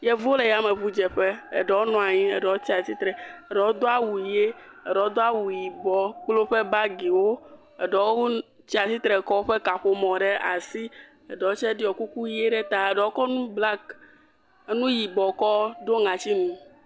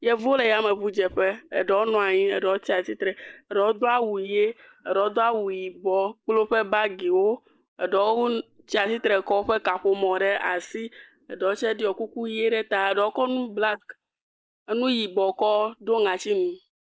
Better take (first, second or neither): first